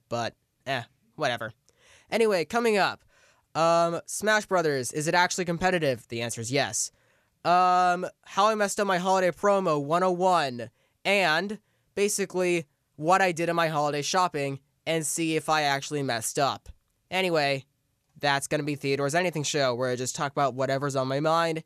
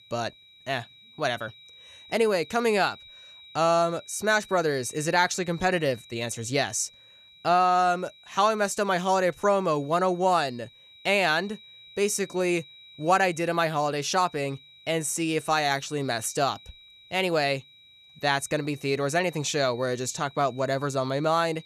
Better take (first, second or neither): first